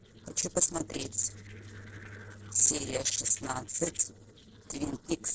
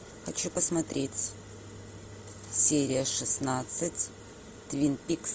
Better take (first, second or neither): second